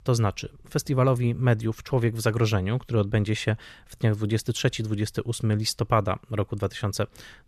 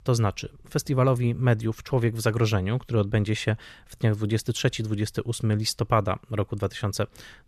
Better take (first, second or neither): neither